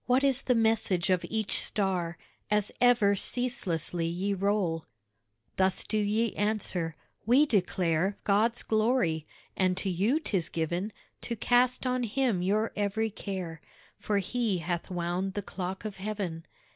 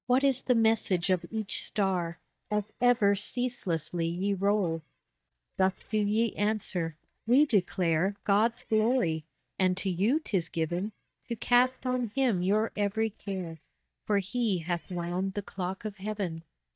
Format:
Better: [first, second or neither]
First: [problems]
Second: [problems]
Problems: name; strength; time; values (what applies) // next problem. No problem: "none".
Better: first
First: none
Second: noise reduction (neural mask model DeepFilterNet 3)